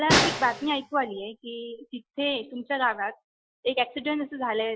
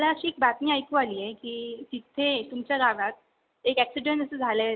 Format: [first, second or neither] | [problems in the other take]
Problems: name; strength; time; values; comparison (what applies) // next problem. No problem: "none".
second | noise reduction (classical method Wiener filter)